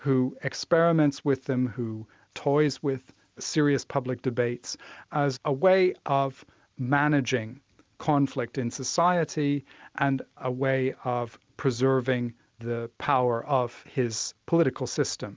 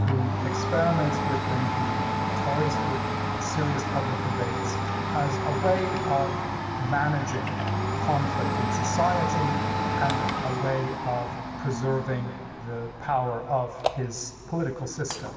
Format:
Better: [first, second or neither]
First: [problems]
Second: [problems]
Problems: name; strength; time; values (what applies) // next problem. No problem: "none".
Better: first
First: none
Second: background sound (Domestic sounds, home sounds); 1 dB above the speech // room echo; dies away in 2 s